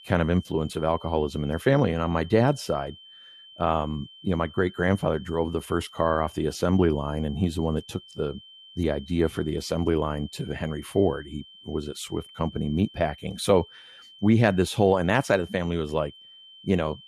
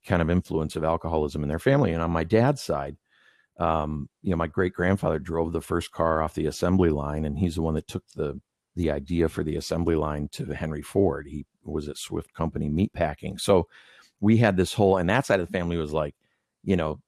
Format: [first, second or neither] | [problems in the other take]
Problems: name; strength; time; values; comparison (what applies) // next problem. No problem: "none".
second | high-pitched whine; faint; throughout; 3 kHz, 20 dB below the speech